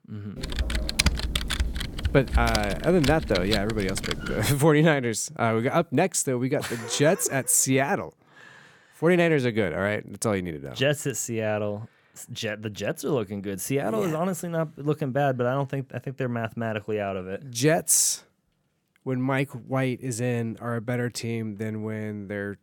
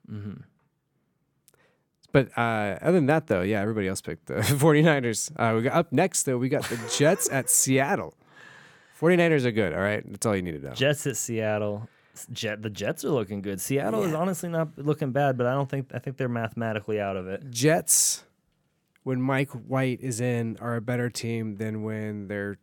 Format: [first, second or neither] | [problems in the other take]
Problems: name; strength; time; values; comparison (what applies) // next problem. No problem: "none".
second | keyboard typing; loud; until 4.5 s; peak 2 dB above the speech